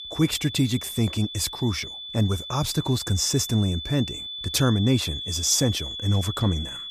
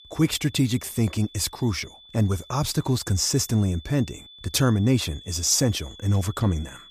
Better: second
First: high-pitched whine; loud; throughout; 3.5 kHz, 8 dB below the speech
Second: high-pitched whine; faint; throughout; 3.5 kHz, 20 dB below the speech

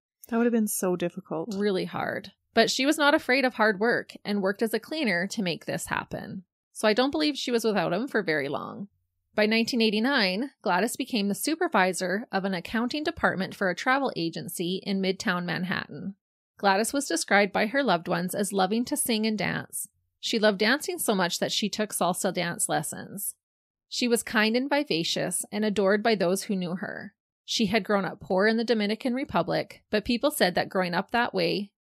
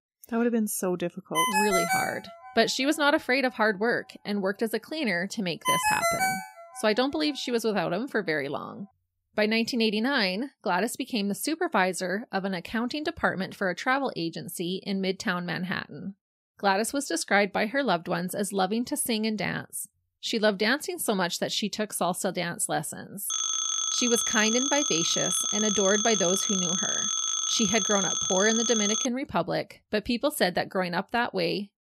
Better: first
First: none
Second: phone ringing; loud; from 1.5 to 6.5 s and from 23 to 29 s; peak 4 dB above the speech

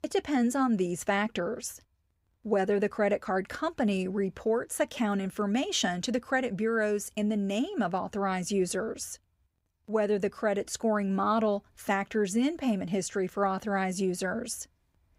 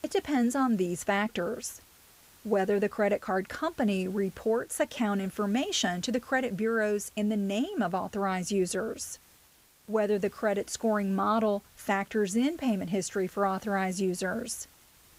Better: first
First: none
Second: hiss; faint; throughout; 25 dB below the speech

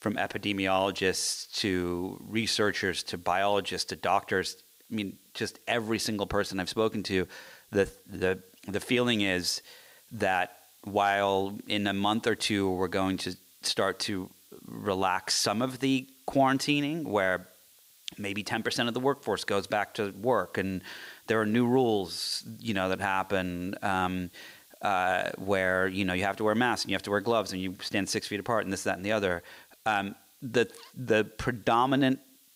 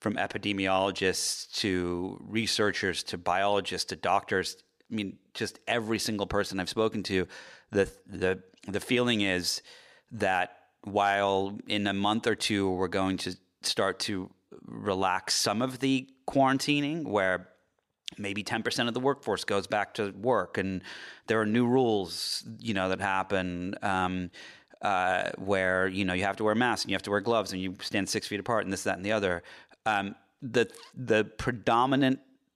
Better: second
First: hiss; faint; throughout; 25 dB below the speech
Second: none

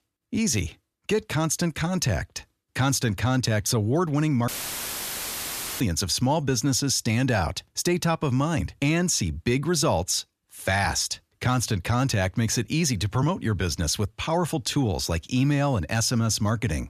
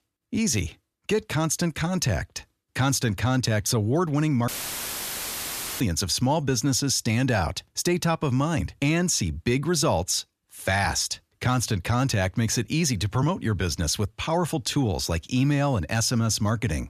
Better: neither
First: audio cutting out; filled with static; at 4.5 s for 1.5 s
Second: audio cutting out; filled with static; at 4.5 s for 1.5 s

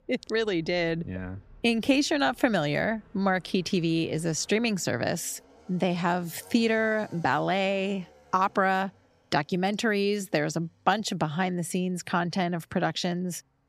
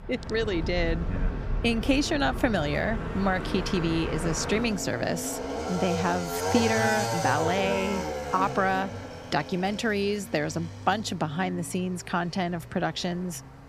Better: first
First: traffic noise; faint; throughout; 30 dB below the speech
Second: traffic noise; loud; throughout; 5 dB below the speech

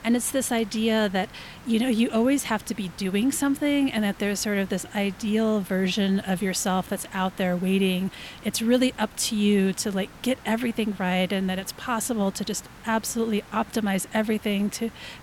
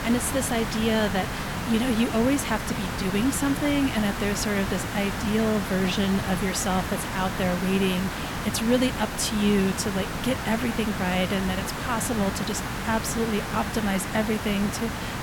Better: first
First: hiss; faint; throughout; 20 dB below the speech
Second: hiss; loud; throughout; 4 dB below the speech

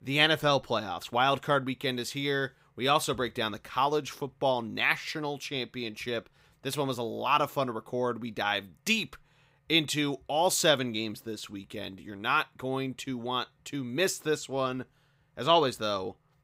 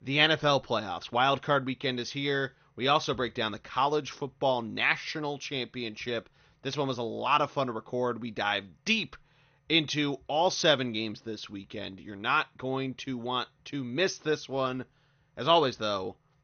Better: first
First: none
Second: garbled, watery; slightly; nothing above 6.5 kHz

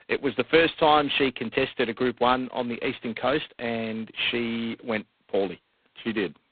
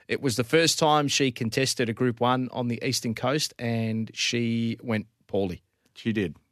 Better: second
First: phone-call audio; poor line; nothing above 3.5 kHz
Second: none

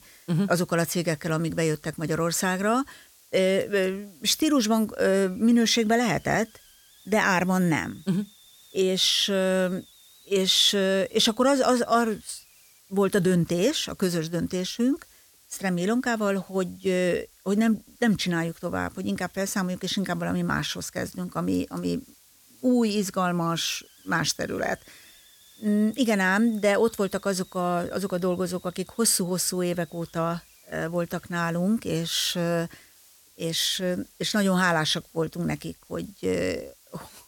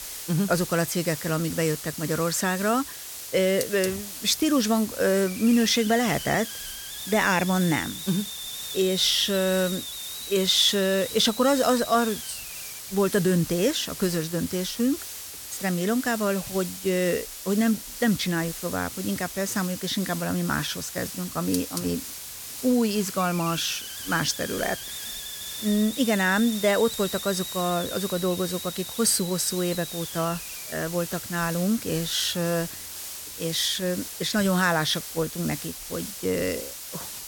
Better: first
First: hiss; faint; throughout; 25 dB below the speech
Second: hiss; loud; throughout; 8 dB below the speech

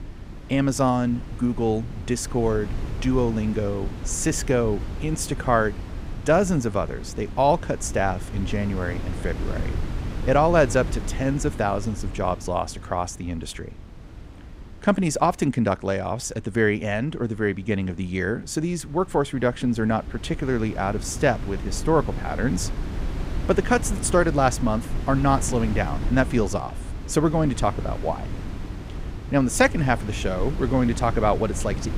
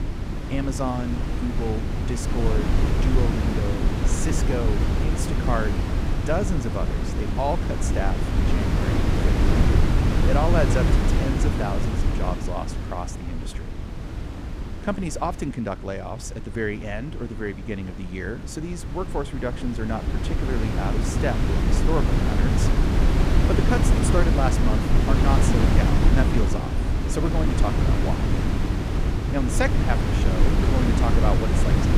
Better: first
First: wind noise on the microphone; occasional gusts; 15 dB below the speech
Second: wind noise on the microphone; heavy; as loud as the speech

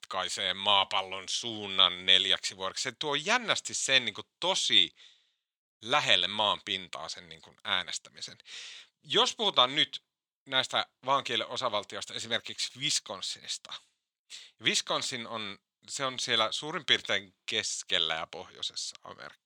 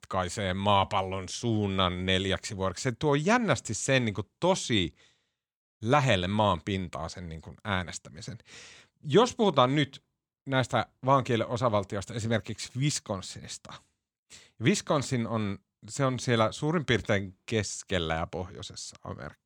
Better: second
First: thin; somewhat; fading below 1 kHz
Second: none

